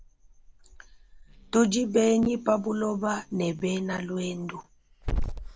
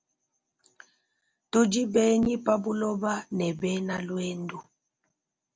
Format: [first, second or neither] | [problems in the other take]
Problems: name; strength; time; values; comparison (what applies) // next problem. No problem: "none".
second | background sound (Growling / Hiss); 9 dB below the speech